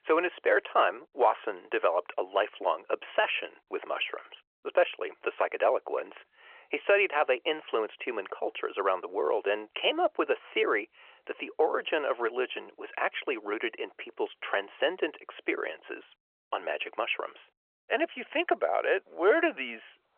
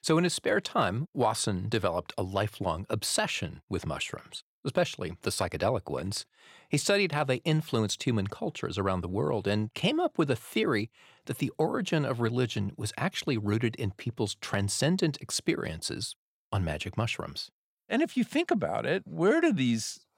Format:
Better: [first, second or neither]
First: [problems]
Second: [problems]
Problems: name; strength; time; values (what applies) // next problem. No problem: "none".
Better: second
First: phone-call audio; nothing above 3 kHz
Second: none